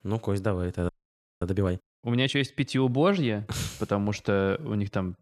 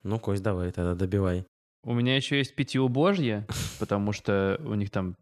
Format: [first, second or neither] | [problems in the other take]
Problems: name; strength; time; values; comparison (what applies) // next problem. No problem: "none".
second | audio freezing; at 1 s for 0.5 s